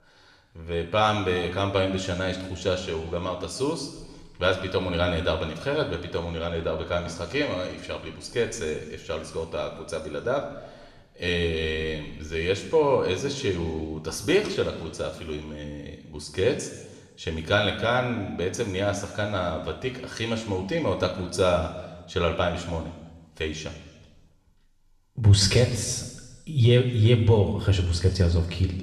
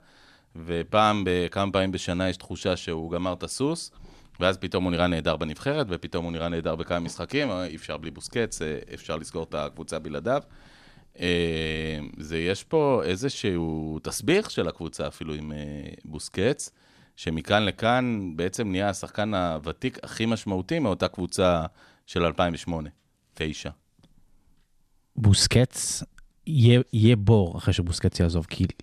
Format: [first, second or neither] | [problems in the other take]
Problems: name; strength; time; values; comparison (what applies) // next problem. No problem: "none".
second | room echo; slight; dies away in 1.1 s